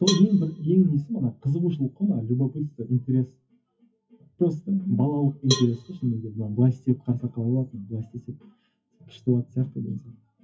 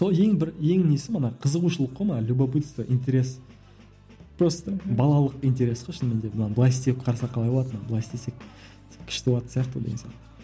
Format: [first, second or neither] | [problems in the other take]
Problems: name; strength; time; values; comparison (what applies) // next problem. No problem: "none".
second | noise reduction (classical method WPE with log-MMSE)